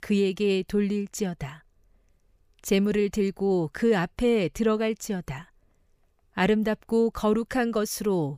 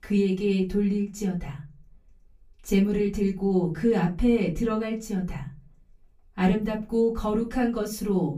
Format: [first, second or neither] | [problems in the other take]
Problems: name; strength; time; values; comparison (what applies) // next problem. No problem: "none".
first | off-mic speech; far // room echo; very slight; dies away in 0.4 s